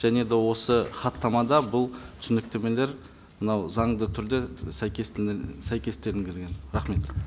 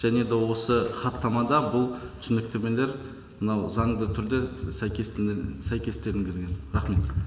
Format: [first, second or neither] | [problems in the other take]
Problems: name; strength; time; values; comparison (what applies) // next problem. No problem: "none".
first | room echo; dies away in 3 s